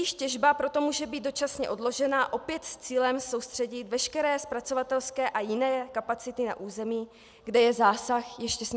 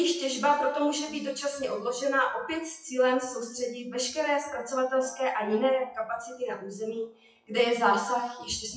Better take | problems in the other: first | noise reduction (classical method WPE with log-MMSE)

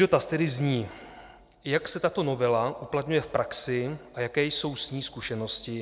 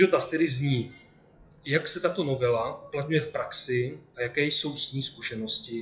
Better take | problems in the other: first | noise reduction (classical method WPE with log-MMSE)

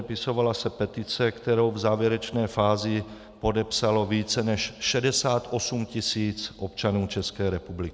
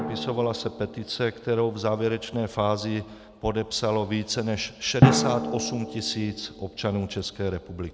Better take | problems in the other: first | background sound (Drum); 3 dB below the speech

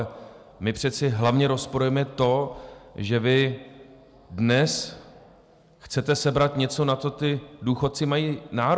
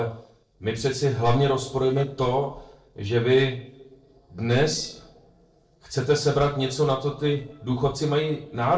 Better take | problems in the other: first | noise reduction (neural separator model SepFormer DNS4)

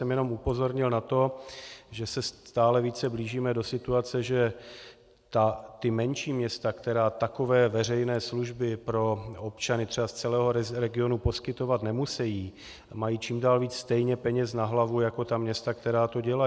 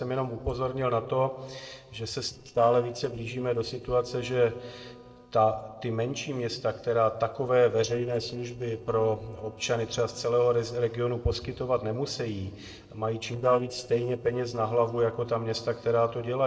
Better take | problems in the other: first | noise reduction (neural separator model SepFormer DNS4)

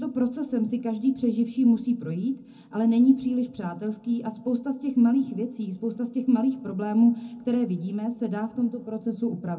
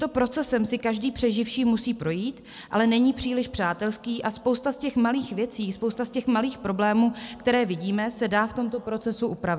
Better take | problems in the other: second | room echo; dies away in 0.3 s

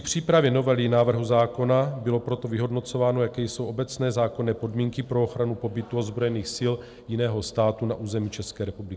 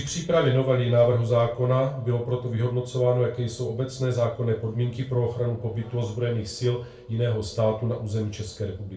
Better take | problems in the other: first | room echo; dies away in 0.3 s

